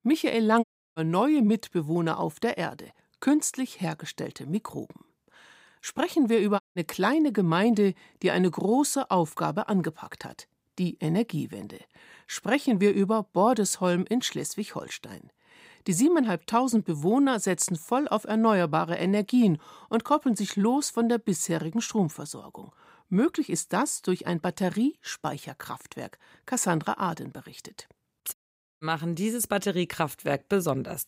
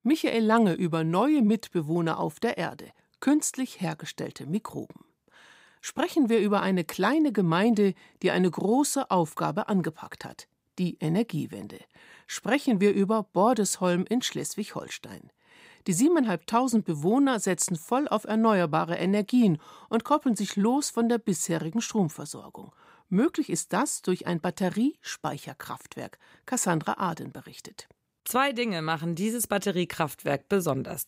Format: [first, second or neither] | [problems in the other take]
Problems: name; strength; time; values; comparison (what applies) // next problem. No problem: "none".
second | audio cutting out; at 0.5 s, at 6.5 s and at 28 s